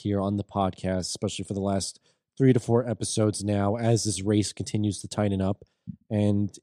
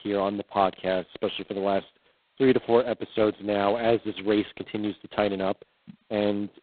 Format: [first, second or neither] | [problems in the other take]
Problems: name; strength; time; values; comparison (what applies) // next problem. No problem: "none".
first | phone-call audio; poor line; nothing above 4 kHz